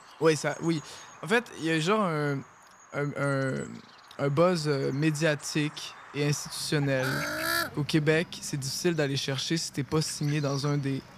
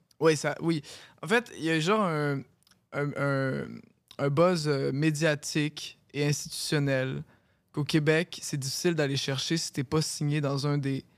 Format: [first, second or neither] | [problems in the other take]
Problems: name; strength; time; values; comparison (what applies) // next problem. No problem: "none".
second | animal sounds; noticeable; throughout; 10 dB below the speech